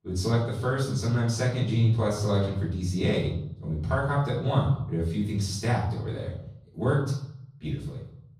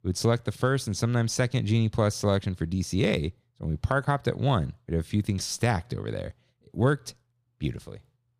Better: second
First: off-mic speech; far // room echo; noticeable; dies away in 0.7 s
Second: none

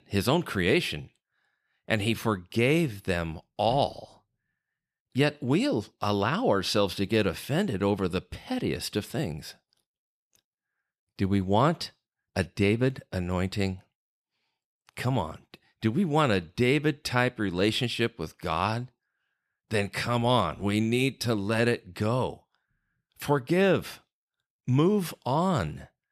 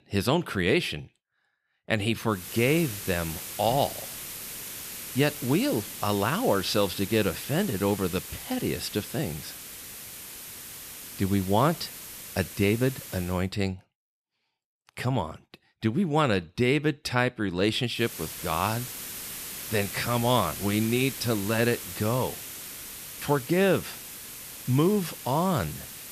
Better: first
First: none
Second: hiss; loud; from 2.5 to 13 s and from 18 s on; 10 dB below the speech

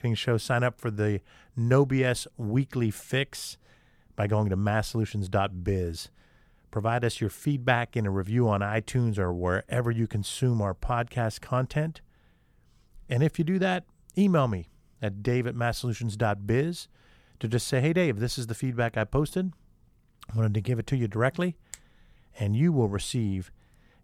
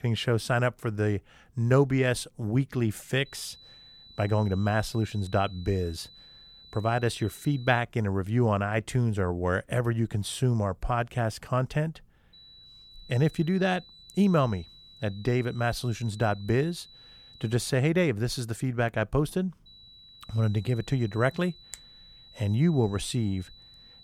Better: first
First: none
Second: high-pitched whine; faint; from 3.5 to 8 s, from 12 to 18 s and from 20 s on; 4 kHz, 20 dB below the speech

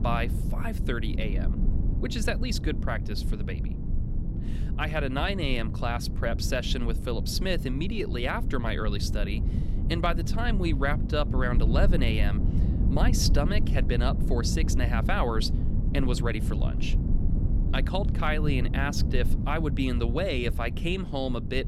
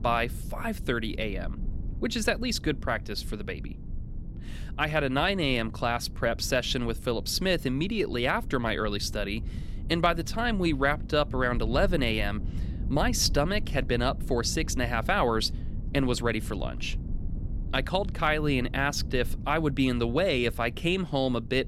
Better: second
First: low rumble; loud; throughout; 10 dB below the speech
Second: low rumble; faint; throughout; 20 dB below the speech

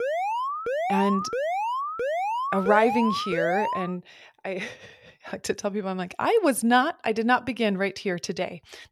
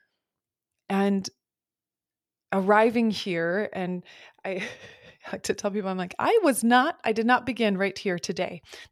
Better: second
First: alarm; noticeable; until 4 s; peak 1 dB below the speech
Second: none

